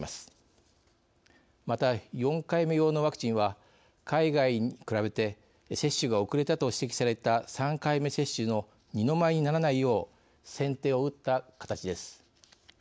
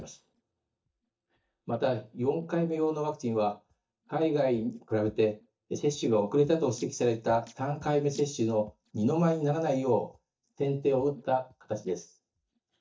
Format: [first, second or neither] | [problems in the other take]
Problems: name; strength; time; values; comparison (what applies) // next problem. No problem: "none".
first | noise reduction (neural mask model DeepFilterNet 3)